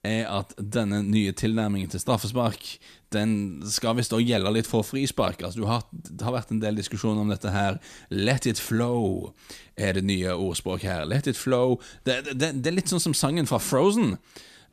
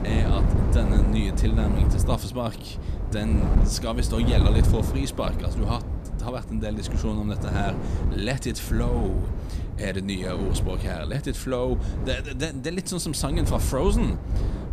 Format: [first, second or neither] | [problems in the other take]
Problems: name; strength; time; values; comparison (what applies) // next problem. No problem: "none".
first | wind noise on the microphone; heavy; 6 dB below the speech